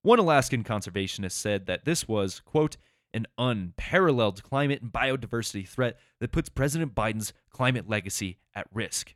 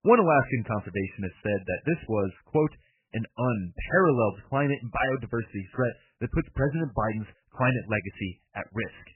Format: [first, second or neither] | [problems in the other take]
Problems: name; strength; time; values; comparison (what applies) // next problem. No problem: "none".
first | garbled, watery; badly; nothing above 3 kHz